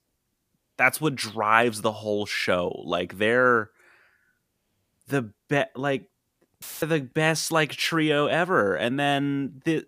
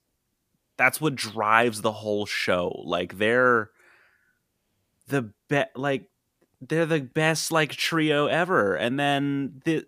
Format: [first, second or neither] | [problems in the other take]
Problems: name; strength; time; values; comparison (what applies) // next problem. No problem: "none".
second | audio cutting out; filled with static; at 6.5 s